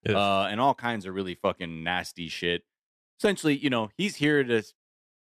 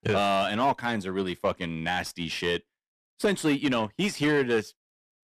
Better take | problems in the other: first | distortion; slight; 10 dB below the speech

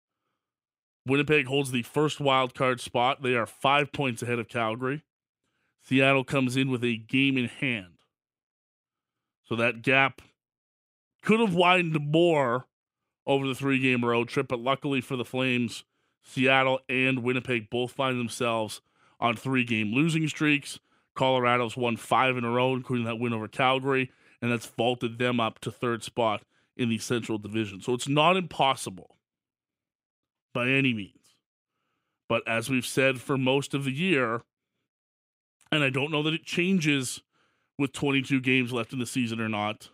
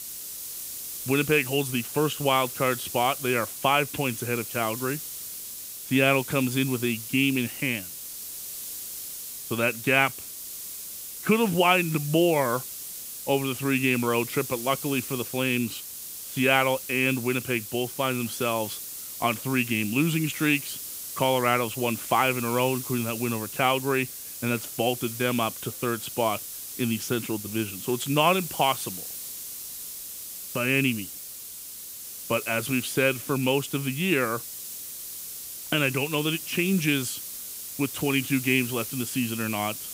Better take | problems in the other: first | hiss; loud; throughout; 9 dB below the speech

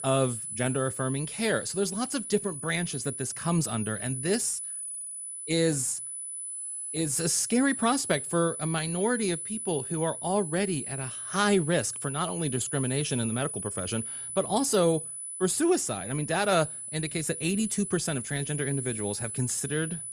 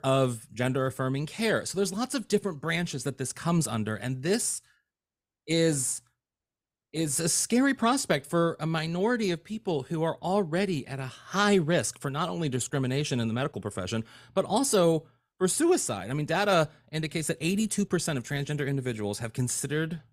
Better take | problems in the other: second | high-pitched whine; loud; throughout; 10 kHz, 6 dB below the speech

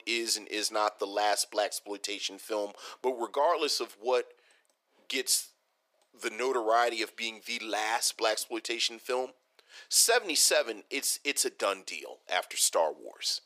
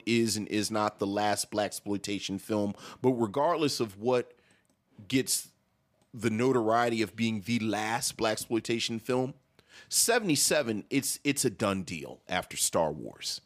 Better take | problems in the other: second | thin; very; fading below 400 Hz

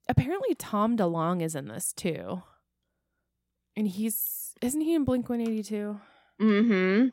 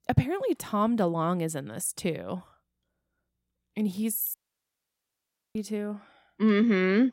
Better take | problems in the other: first | audio cutting out; at 4.5 s for 1 s

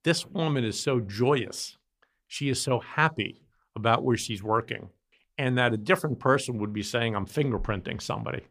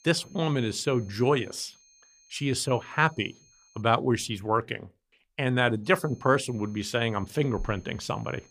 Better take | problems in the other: first | high-pitched whine; faint; until 4 s and from 6 s on; 6.5 kHz, 30 dB below the speech

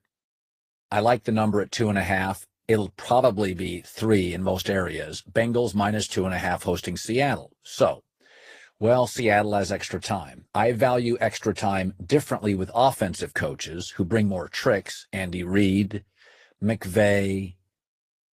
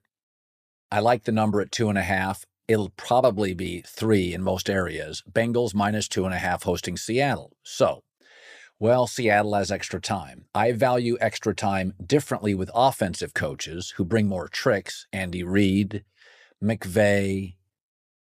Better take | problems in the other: second | garbled, watery; slightly; nothing above 15 kHz

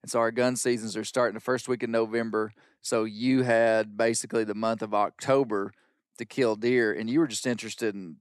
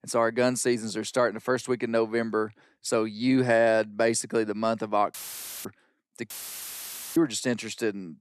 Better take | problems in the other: first | audio cutting out; filled with static; at 5 s for 0.5 s and at 6.5 s for 1 s

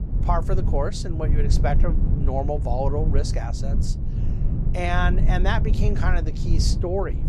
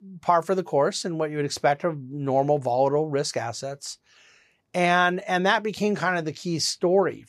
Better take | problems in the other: second | low rumble; loud; throughout; 9 dB below the speech

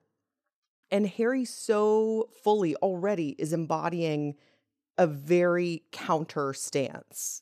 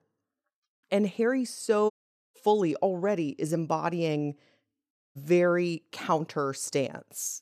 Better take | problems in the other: first | audio cutting out; at 2 s and at 5 s

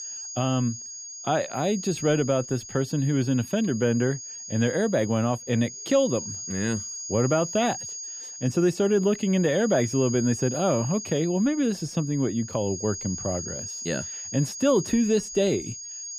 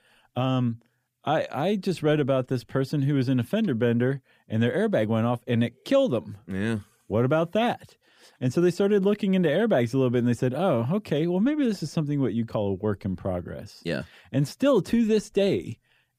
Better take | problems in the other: second | high-pitched whine; loud; throughout; 6.5 kHz, 9 dB below the speech

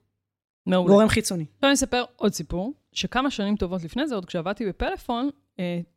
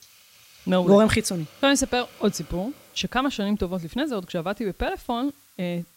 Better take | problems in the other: first | hiss; faint; throughout; 25 dB below the speech

